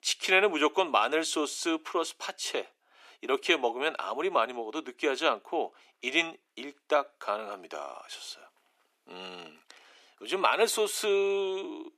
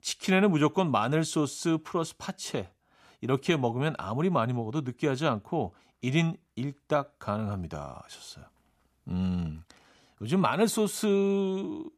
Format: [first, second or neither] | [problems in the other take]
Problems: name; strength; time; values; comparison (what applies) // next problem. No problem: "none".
second | thin; very; fading below 350 Hz